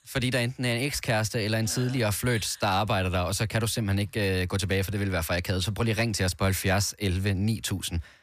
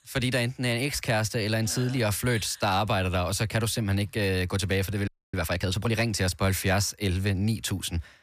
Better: first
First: none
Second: audio freezing; at 5 s

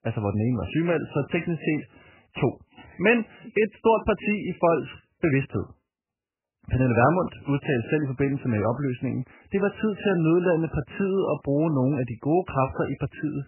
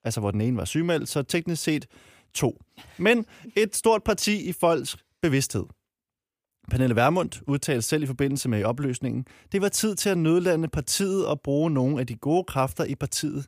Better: second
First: garbled, watery; badly; nothing above 3 kHz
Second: none

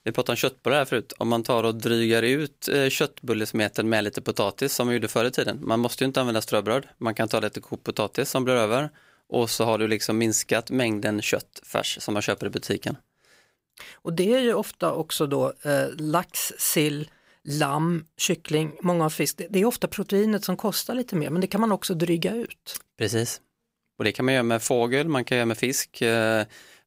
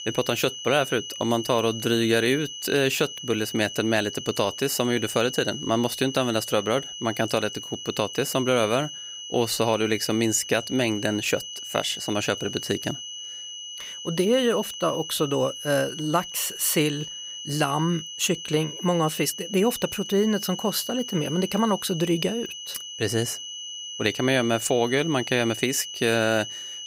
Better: first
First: none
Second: high-pitched whine; loud; throughout; 3 kHz, 9 dB below the speech

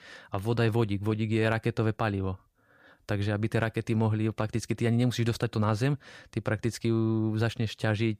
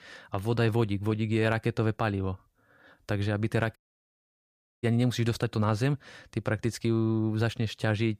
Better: first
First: none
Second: audio cutting out; at 4 s for 1 s

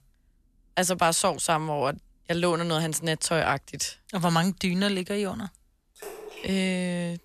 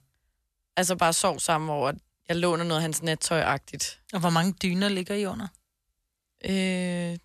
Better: second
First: rain or running water; noticeable; throughout; 20 dB below the speech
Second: none

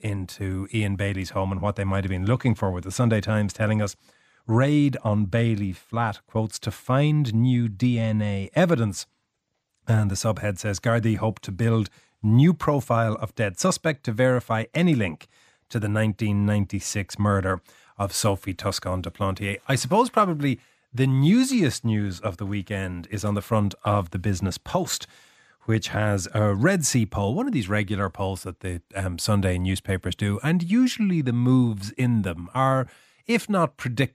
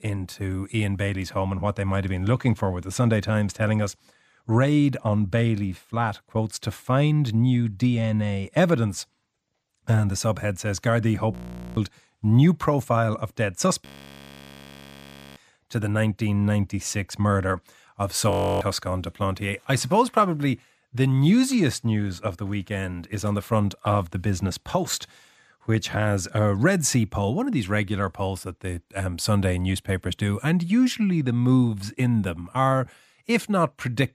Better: first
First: none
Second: audio freezing; at 11 s, at 14 s for 1.5 s and at 18 s

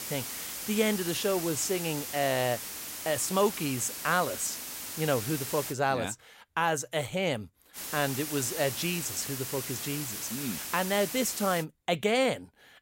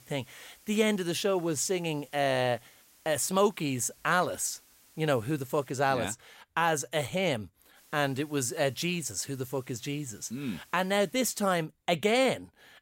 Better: second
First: hiss; loud; until 5.5 s and from 8 to 12 s; 5 dB below the speech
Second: hiss; faint; until 5.5 s and from 8 to 12 s; 25 dB below the speech

